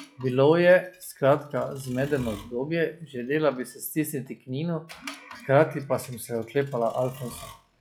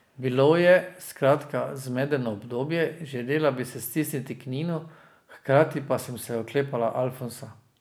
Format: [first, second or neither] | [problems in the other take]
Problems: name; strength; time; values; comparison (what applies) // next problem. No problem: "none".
second | noise reduction (classical method log-MMSE)